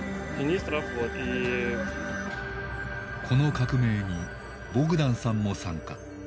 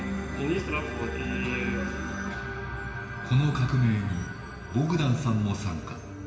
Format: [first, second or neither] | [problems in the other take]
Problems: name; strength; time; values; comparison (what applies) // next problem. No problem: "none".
first | room echo; dies away in 2 s